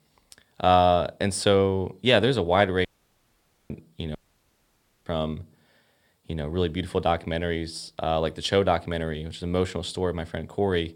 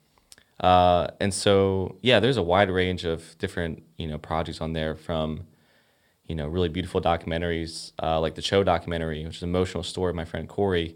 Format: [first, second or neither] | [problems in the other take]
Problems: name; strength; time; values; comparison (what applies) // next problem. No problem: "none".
second | audio cutting out; at 3 s for 1 s and at 4 s for 1 s